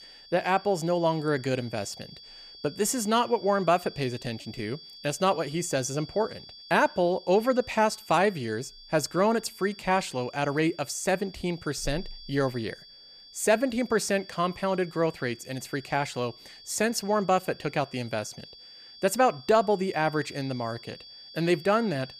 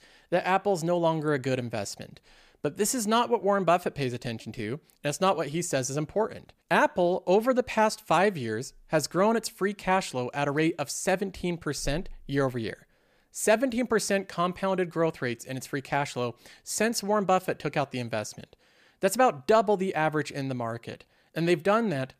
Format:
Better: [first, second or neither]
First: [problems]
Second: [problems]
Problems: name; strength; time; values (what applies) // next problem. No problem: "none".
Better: second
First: high-pitched whine; noticeable; throughout; 4.5 kHz, 20 dB below the speech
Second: none